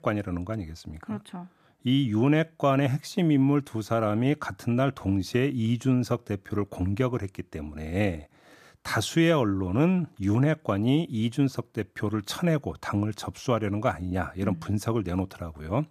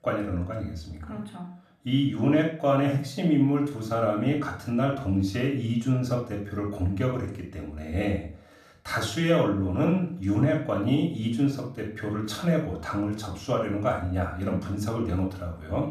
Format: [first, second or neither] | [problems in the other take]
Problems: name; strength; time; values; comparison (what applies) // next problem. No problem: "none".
first | off-mic speech; far // room echo; slight; dies away in 0.4 s